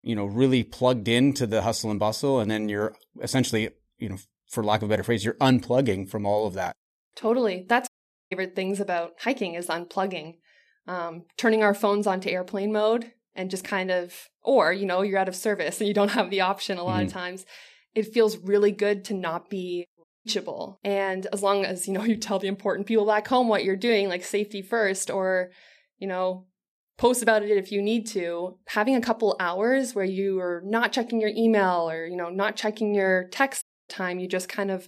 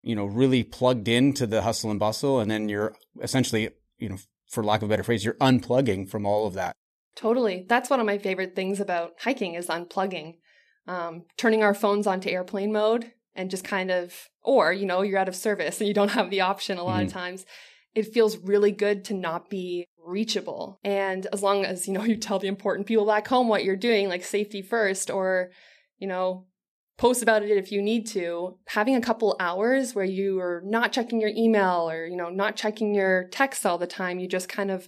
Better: second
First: audio cutting out; at 8 s, at 20 s and at 34 s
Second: none

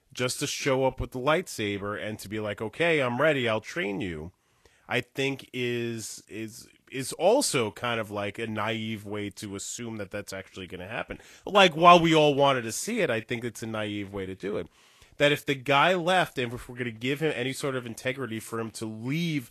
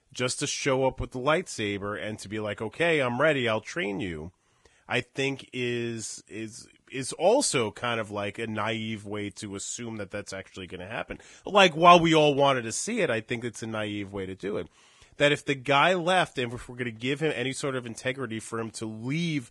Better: first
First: garbled, watery; slightly; nothing above 13 kHz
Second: garbled, watery; badly

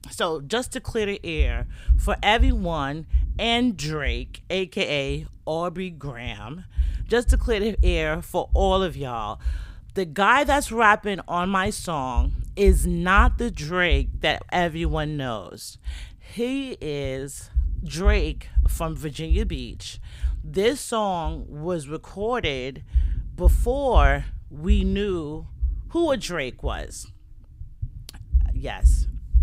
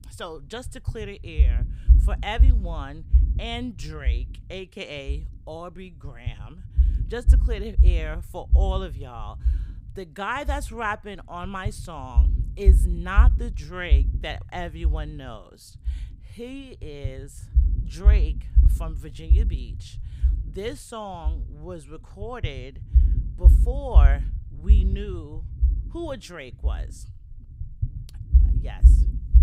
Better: first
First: low rumble; faint; throughout; 25 dB below the speech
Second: low rumble; loud; throughout; 9 dB below the speech

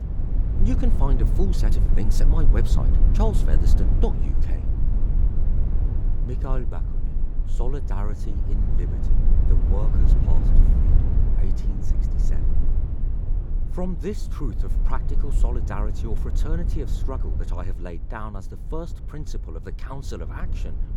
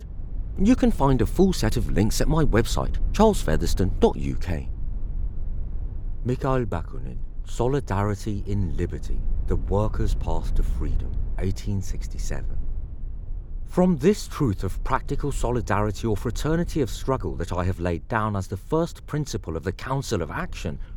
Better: second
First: low rumble; loud; throughout; 4 dB below the speech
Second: low rumble; faint; throughout; 25 dB below the speech

